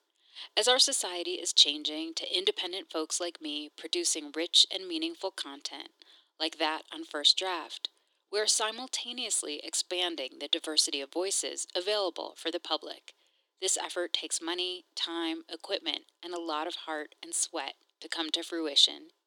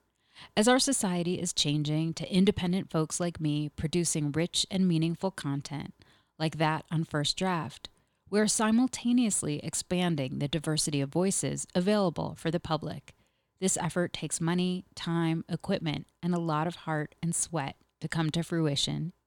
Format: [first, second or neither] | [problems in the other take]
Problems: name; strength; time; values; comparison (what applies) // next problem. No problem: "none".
second | thin; very; fading below 300 Hz